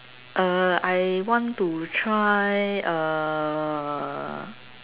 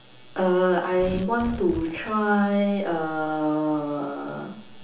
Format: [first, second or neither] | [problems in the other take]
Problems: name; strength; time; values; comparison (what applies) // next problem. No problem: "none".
first | background sound (Tearing); 15 dB below the speech // room echo; dies away in 1.2 s